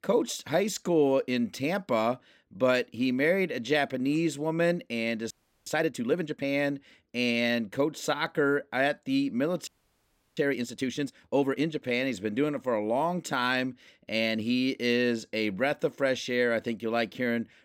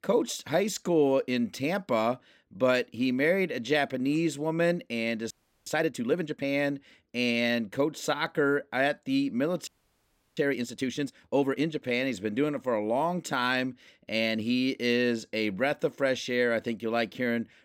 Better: neither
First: audio freezing; at 5.5 s and at 9.5 s for 0.5 s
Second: audio freezing; at 5.5 s and at 9.5 s for 0.5 s

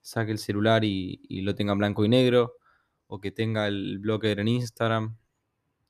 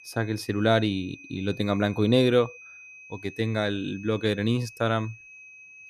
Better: first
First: none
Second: high-pitched whine; noticeable; throughout; 2.5 kHz, 20 dB below the speech

